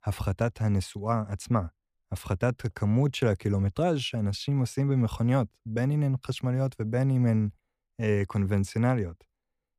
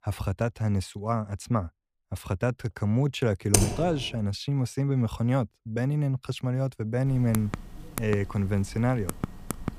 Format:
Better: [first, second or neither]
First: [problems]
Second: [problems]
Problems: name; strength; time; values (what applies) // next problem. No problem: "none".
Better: first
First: none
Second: keyboard typing; loud; at 3.5 s; peak 4 dB above the speech // keyboard typing; noticeable; from 7 s on; peak 7 dB below the speech